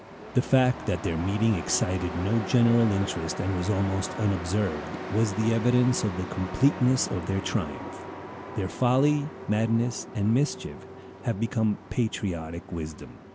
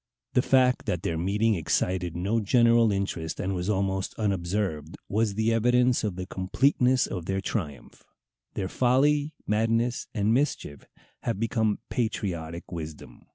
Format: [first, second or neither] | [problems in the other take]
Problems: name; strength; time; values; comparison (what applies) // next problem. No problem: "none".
second | background sound (Truck); 11 dB below the speech